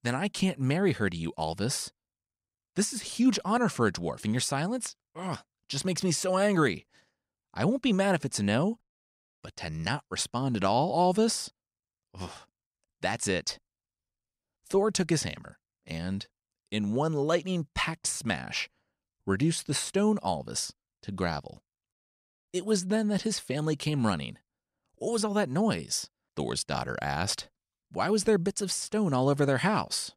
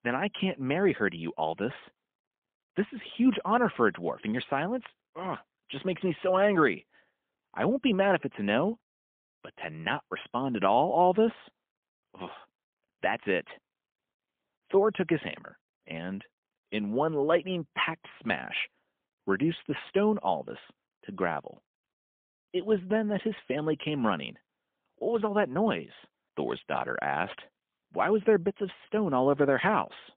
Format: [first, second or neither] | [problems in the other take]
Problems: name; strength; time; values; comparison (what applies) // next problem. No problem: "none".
first | phone-call audio; poor line